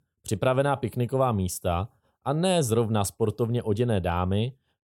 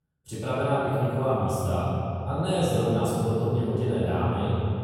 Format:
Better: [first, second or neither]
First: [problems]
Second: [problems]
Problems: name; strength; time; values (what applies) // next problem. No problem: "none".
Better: first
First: none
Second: room echo; strong; dies away in 3 s // off-mic speech; far